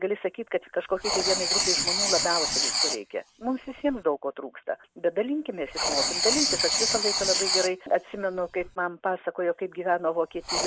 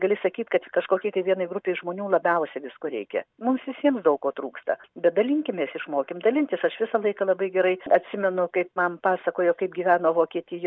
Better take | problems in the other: second | background sound (Writing); as loud as the speech

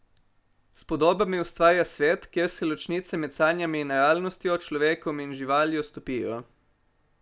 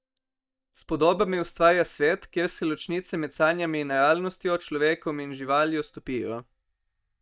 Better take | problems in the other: first | noise reduction (neural mask model DeepFilterNet 3)

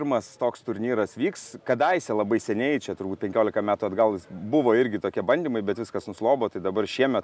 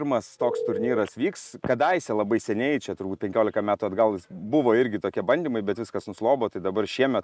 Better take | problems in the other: first | noise reduction (neural mask model RNNoise)

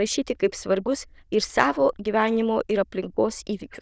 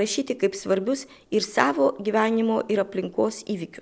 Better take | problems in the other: second | noise reduction (neural diffusion model UNIVERSE++)

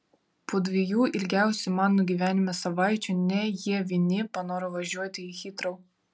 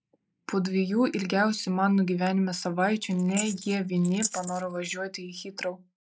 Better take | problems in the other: first | noise reduction (neural mask model Resemble Enhance denoiser)

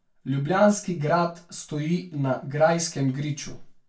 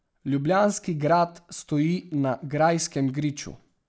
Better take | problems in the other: second | room echo; dies away in 0.2 s

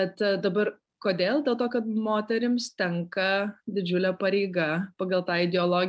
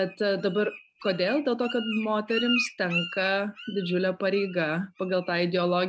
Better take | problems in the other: first | background sound (Bird); 11 dB below the speech

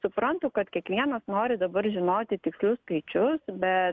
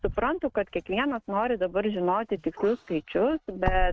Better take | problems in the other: first | noise reduction (neural mask model RNNoise)

